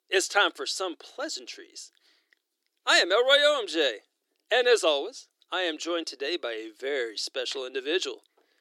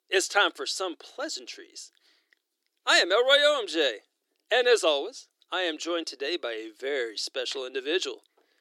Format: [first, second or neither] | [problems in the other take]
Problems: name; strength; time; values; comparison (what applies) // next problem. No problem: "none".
neither | thin; very; fading below 300 Hz; the same in both